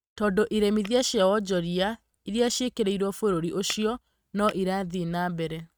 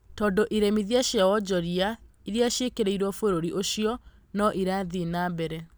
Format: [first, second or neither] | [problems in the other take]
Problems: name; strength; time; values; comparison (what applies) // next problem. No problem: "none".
second | noise reduction (neural mask model RNNoise)